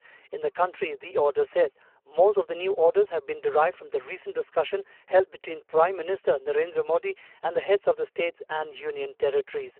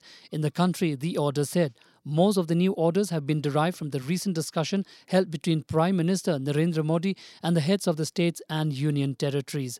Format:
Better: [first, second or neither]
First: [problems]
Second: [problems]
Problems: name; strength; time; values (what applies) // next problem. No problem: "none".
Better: second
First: phone-call audio; poor line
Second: none